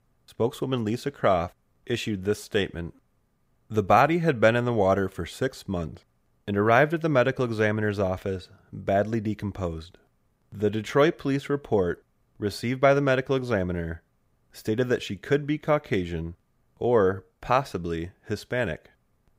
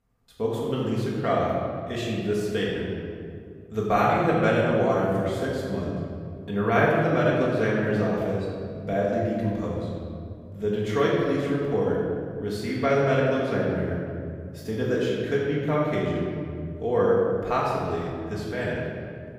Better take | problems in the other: first | room echo; noticeable; dies away in 2.3 s // off-mic speech; far

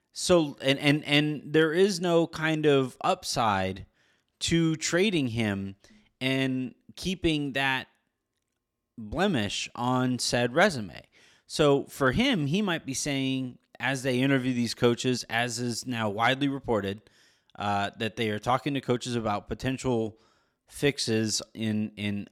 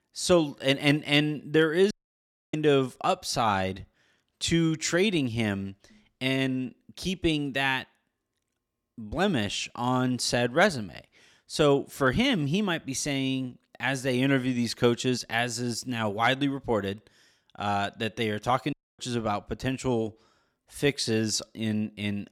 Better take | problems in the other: first | audio cutting out; at 2 s for 0.5 s and at 19 s

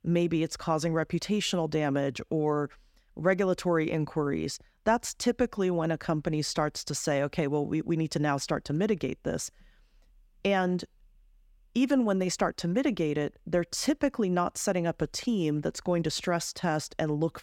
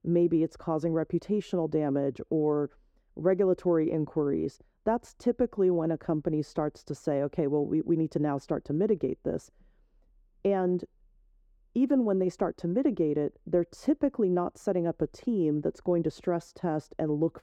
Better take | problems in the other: first | muffled; very; fading above 1.5 kHz

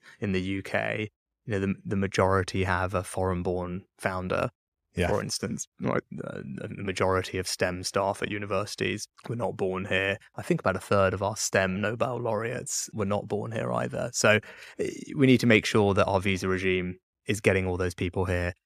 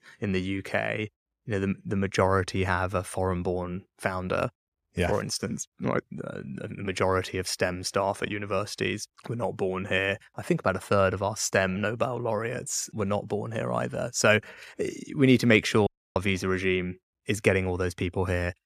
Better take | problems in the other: first | audio cutting out; at 16 s

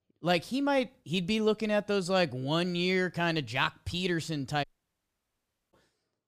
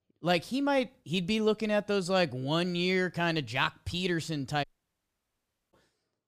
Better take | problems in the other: neither | audio cutting out; at 4.5 s for 1 s; the same in both

